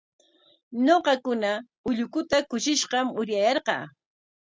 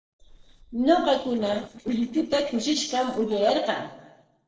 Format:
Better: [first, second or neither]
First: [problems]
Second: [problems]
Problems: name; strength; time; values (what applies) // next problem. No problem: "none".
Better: first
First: none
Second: noise reduction (neural separator model SepFormer DNS4)